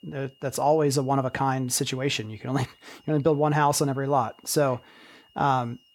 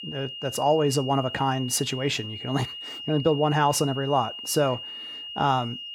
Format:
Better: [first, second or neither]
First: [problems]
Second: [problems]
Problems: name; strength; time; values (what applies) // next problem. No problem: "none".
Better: first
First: high-pitched whine; faint; throughout; 3 kHz, 35 dB below the speech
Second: high-pitched whine; loud; throughout; 3 kHz, 10 dB below the speech